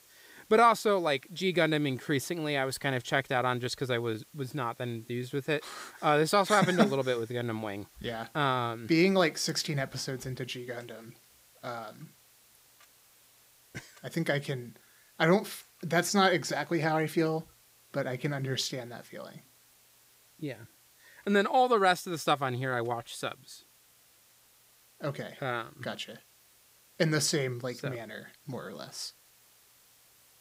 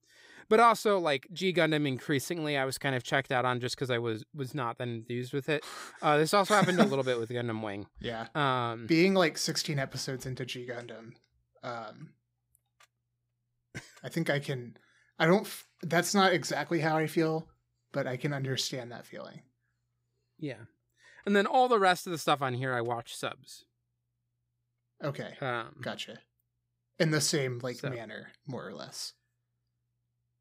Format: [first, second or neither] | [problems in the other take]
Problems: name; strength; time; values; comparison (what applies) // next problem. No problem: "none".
second | hiss; faint; throughout; 30 dB below the speech